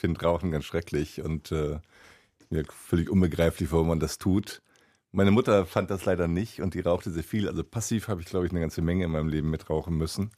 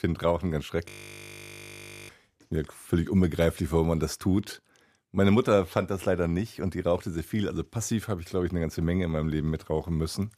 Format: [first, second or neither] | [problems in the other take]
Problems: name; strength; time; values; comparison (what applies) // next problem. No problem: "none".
first | audio freezing; at 1 s for 1 s